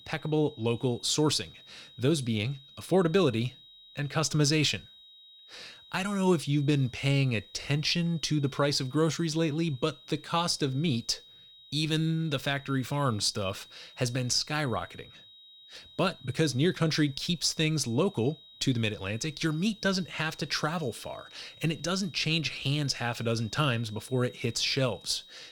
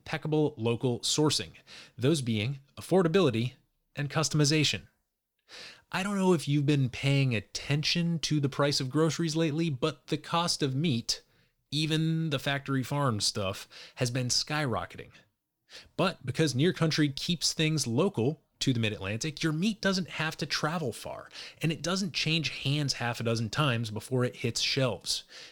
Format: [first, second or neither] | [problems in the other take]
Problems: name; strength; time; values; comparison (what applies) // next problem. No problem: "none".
second | high-pitched whine; faint; throughout; 4 kHz, 20 dB below the speech